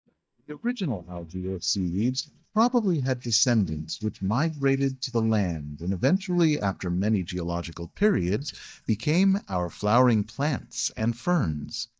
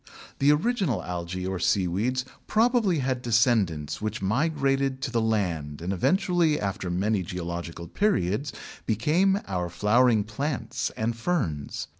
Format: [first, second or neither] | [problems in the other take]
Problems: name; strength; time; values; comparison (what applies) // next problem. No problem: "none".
second | noise reduction (neural mask model DeepFilterNet 3)